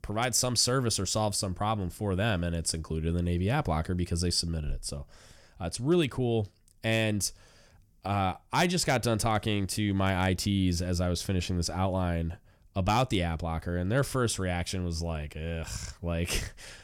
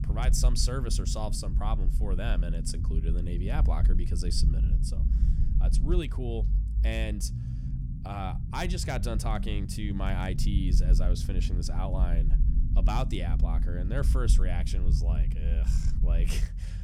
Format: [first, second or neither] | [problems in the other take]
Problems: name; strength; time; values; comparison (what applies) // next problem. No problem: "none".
first | low rumble; loud; throughout; 9 dB below the speech